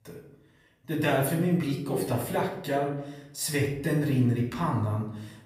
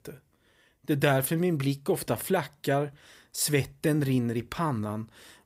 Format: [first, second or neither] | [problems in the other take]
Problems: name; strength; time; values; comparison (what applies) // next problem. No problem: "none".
second | off-mic speech; far // room echo; noticeable; dies away in 0.7 s